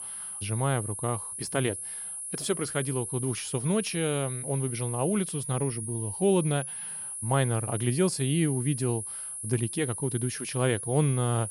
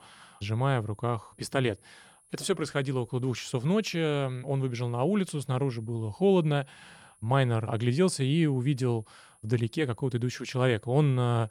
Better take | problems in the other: second | high-pitched whine; loud; throughout; 10.5 kHz, 5 dB below the speech; faint in the second

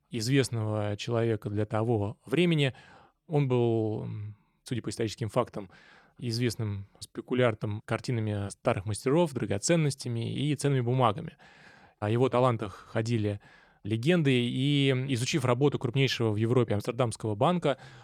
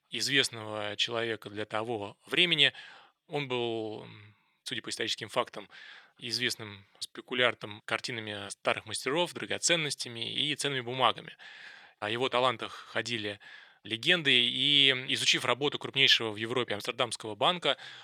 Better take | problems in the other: first | thin; somewhat; fading below 750 Hz

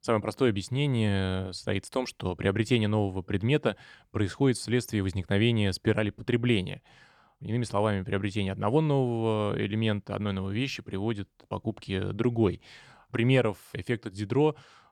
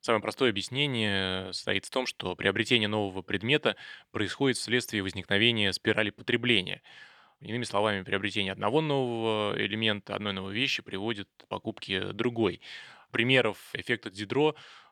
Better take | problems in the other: first | thin; very slightly; fading below 300 Hz

